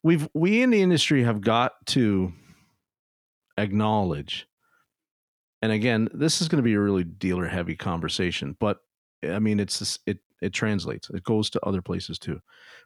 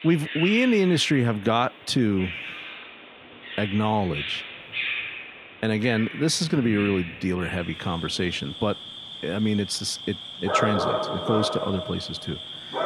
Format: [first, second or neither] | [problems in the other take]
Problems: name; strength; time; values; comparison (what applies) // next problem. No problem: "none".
first | animal sounds; loud; throughout; 6 dB below the speech